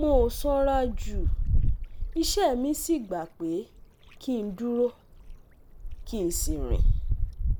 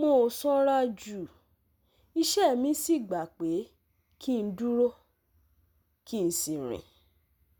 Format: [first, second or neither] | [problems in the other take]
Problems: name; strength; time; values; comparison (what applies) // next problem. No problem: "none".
second | background sound (Wind); 1 dB above the speech